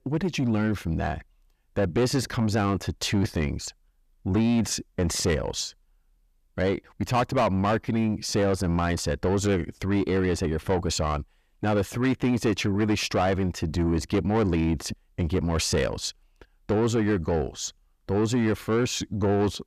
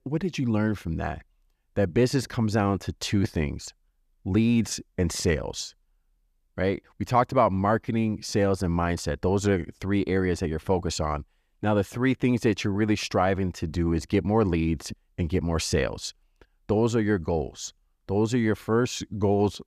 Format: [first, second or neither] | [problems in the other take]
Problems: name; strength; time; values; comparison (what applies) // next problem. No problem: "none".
second | distortion; slight; 10 dB below the speech